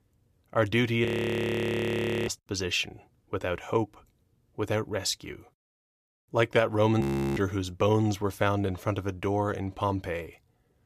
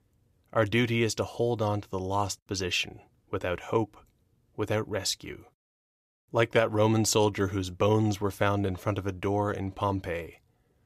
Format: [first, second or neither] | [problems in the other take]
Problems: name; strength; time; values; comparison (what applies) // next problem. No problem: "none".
second | audio freezing; at 1 s for 1 s and at 7 s